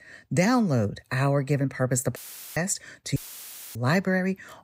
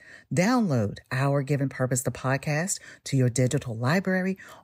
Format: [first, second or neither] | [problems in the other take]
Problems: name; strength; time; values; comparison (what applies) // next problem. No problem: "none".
second | audio cutting out; filled with static; at 2 s and at 3 s for 0.5 s